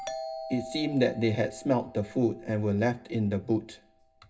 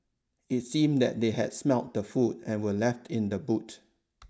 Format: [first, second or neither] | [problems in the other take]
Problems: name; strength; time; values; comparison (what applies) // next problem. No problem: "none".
second | background sound (Doorbell); 14 dB below the speech // room echo; dies away in 0.2 s